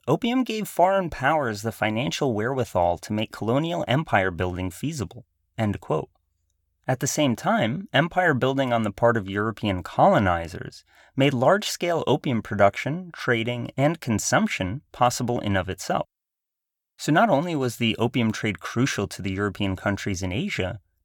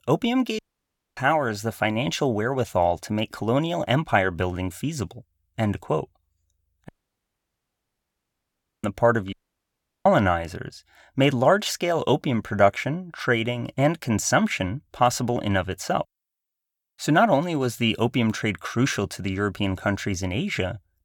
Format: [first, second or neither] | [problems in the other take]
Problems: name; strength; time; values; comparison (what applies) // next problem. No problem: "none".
first | audio cutting out; at 0.5 s for 0.5 s, at 7 s for 2 s and at 9.5 s for 0.5 s